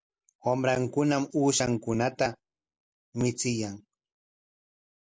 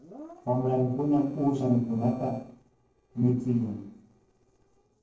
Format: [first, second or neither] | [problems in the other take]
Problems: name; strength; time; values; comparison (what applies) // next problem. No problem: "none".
first | noise reduction (neural separator model SepFormer DNS4)